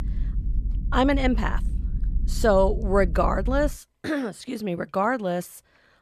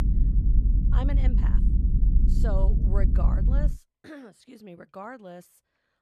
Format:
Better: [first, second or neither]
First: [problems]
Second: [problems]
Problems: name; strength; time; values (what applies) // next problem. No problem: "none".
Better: first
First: low rumble; faint; until 3.5 s; 20 dB below the speech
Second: low rumble; loud; until 3.5 s; 2 dB below the speech